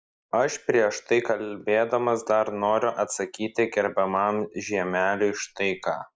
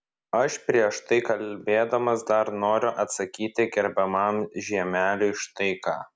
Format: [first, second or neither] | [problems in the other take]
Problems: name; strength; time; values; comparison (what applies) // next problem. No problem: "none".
second | noise reduction (neural mask model Resemble Enhance denoiser)